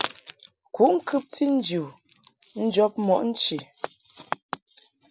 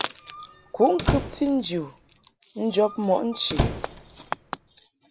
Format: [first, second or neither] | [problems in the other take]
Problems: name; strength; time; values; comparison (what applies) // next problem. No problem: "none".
first | background sound (Squeak); 6 dB below the speech